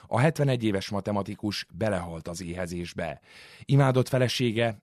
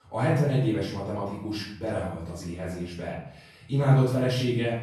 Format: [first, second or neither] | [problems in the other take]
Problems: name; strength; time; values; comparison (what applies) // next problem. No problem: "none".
first | off-mic speech; far // room echo; noticeable; dies away in 0.6 s